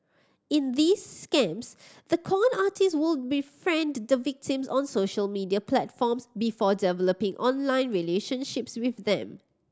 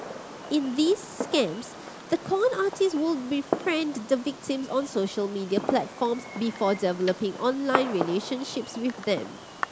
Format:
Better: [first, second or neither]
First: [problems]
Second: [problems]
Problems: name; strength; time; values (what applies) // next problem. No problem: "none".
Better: first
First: none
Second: background sound (Fireworks); 9 dB below the speech